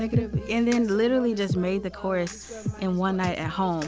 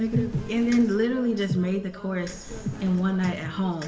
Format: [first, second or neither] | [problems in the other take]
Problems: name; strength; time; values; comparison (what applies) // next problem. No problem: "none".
first | background sound (Thunder); 18 dB below the speech // room echo; dies away in 0.5 s